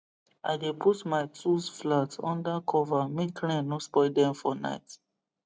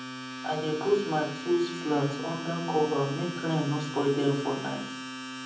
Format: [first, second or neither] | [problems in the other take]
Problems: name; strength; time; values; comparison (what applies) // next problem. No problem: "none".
first | background sound (Domestic sounds, home sounds); 9 dB below the speech // room echo; dies away in 0.6 s